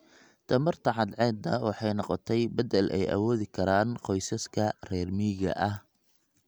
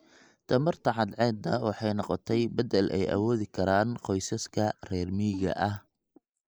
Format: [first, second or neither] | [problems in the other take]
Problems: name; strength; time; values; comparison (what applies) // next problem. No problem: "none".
first | noise reduction (neural mask model Resemble Enhance denoiser)